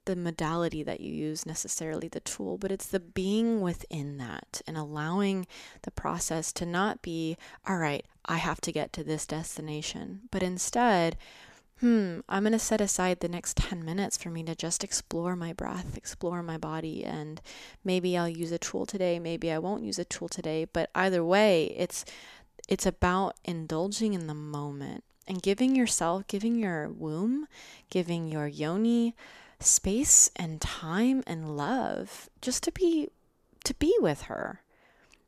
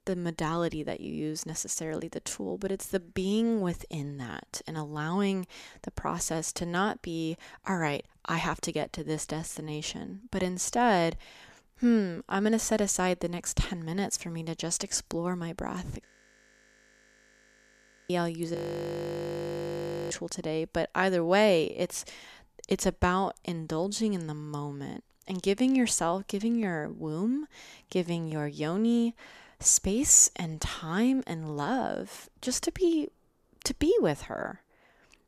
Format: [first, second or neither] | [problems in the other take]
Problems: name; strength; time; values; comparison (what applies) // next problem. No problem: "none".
first | audio freezing; at 16 s for 2 s and at 19 s for 1.5 s